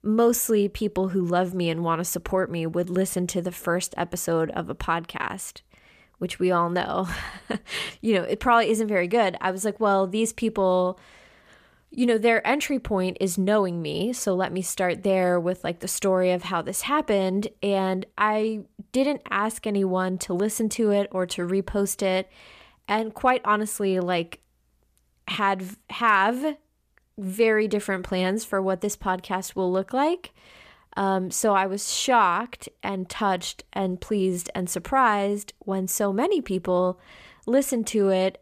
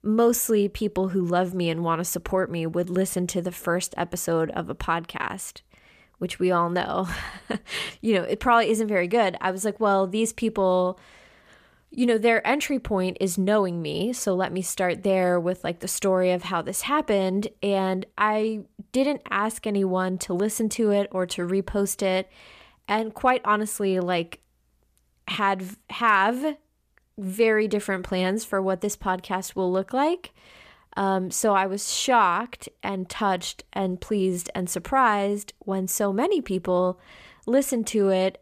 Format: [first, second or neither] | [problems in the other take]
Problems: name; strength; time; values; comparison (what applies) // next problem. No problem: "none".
neither | none